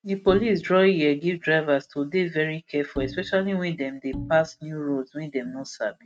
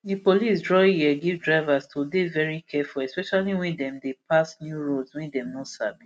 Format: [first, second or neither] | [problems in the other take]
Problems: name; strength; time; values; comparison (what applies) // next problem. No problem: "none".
second | noise reduction (neural mask model RNNoise)